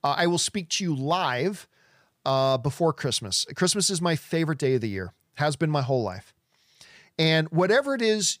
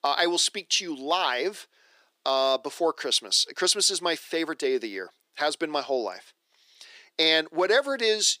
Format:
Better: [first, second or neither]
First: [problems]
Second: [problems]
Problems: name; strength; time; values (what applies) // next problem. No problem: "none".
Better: first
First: none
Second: thin; somewhat; fading below 300 Hz